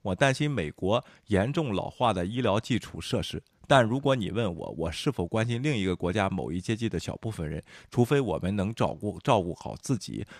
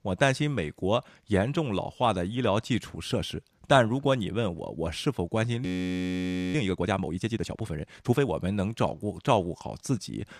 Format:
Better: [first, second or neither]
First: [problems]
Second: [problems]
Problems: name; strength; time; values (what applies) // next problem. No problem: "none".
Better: first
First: none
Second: audio freezing; at 5.5 s for 1 s